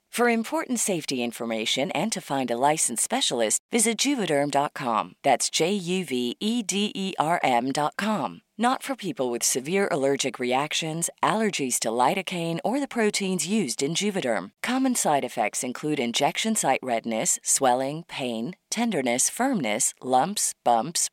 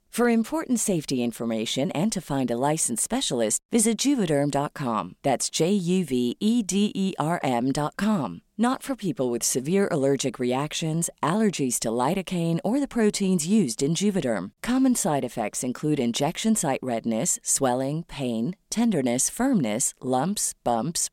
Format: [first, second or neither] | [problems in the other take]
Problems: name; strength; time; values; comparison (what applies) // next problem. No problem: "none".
second | thin; very slightly; fading below 650 Hz